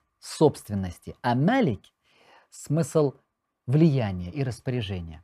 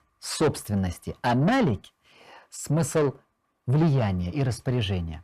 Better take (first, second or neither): first